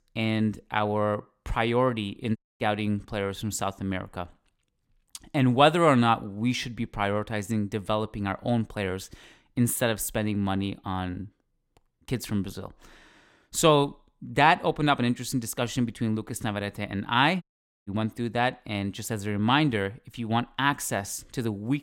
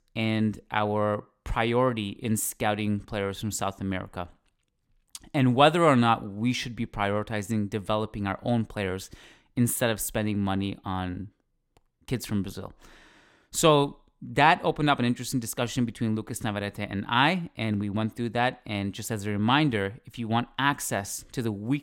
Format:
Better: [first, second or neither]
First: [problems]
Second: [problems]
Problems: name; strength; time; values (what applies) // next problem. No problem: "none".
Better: second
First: audio cutting out; at 2.5 s and at 17 s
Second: none